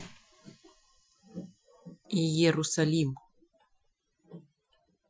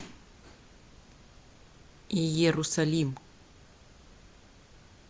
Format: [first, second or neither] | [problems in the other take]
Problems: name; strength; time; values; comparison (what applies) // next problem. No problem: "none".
second | noise reduction (classical method Wiener filter)